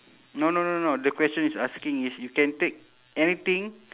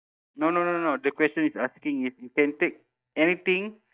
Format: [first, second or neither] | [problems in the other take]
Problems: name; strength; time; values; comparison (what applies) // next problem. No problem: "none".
first | noise reduction (neural mask model DeepFilterNet 3)